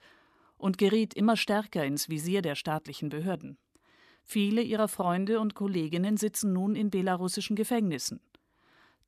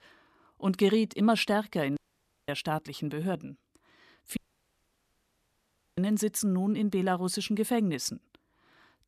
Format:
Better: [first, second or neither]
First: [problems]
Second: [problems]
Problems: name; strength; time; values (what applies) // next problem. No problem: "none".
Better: first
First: none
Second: audio cutting out; at 2 s for 0.5 s and at 4.5 s for 1.5 s